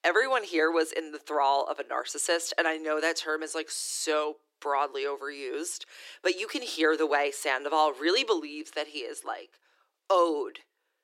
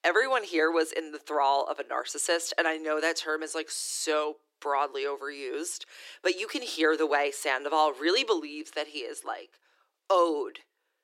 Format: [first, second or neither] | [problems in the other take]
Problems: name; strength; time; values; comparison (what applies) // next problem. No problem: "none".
neither | thin; very; fading below 300 Hz; the same in both